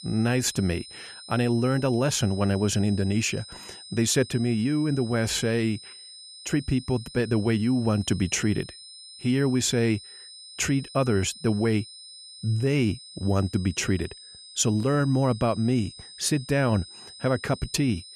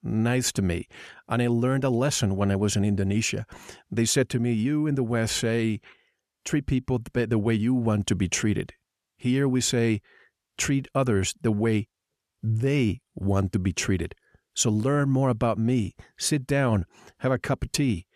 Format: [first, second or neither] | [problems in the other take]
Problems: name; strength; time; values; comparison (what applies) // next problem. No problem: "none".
second | high-pitched whine; noticeable; throughout; 5 kHz, 15 dB below the speech